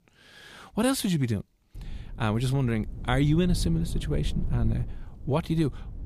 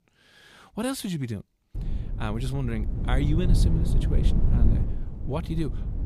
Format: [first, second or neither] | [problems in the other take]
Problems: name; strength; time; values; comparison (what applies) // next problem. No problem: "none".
first | wind noise on the microphone; heavy; from 2 s on; 6 dB below the speech; occasional gusts in the first